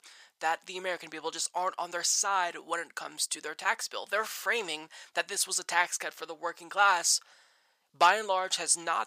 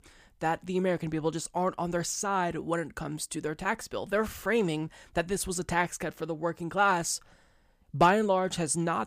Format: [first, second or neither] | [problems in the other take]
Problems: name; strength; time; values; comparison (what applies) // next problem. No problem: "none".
second | thin; very; fading below 800 Hz